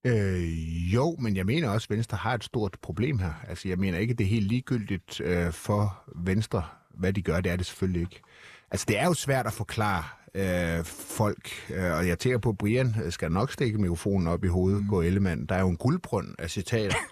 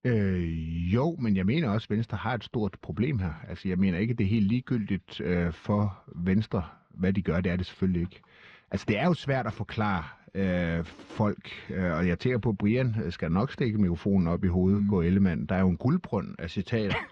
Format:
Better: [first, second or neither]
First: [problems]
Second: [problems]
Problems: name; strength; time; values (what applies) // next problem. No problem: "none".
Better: first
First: none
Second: muffled; slightly; fading above 4.5 kHz